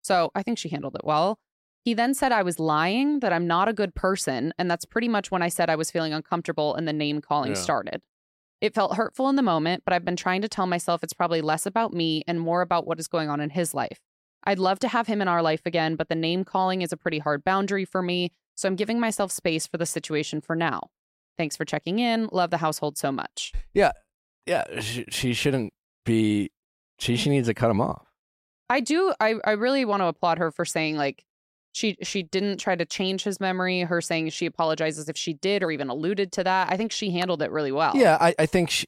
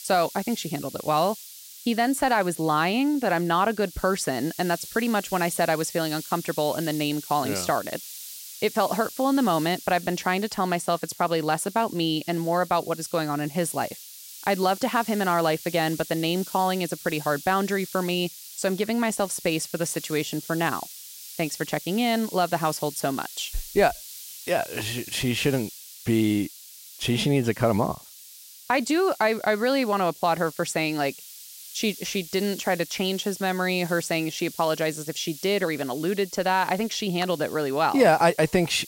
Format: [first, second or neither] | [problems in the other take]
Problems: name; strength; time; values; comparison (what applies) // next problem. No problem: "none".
first | hiss; noticeable; throughout; 15 dB below the speech